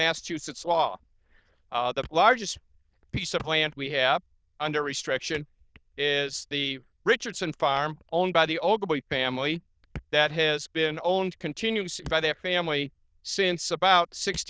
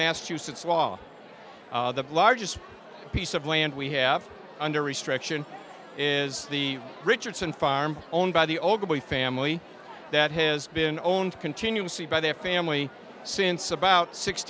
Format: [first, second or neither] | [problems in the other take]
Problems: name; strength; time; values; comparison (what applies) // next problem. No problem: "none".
second | noise reduction (neural diffusion model UNIVERSE++)